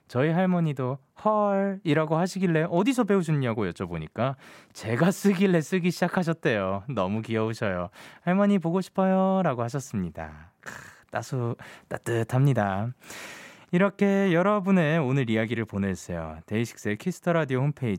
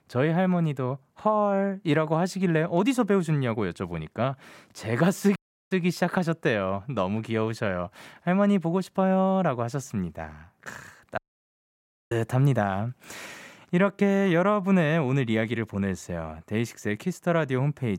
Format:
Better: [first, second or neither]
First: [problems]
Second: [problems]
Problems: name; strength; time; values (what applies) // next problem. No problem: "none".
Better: first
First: none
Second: audio cutting out; at 5.5 s and at 11 s for 1 s